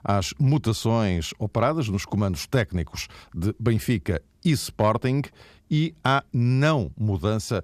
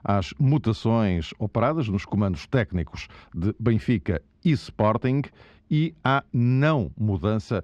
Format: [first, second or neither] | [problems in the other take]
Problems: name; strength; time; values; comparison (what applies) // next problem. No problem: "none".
first | muffled; slightly; fading above 3 kHz